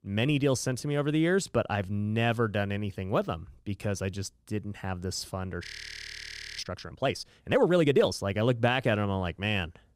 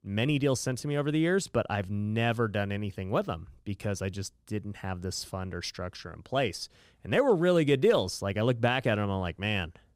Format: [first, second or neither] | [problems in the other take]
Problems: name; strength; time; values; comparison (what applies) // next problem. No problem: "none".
second | audio freezing; at 5.5 s for 1 s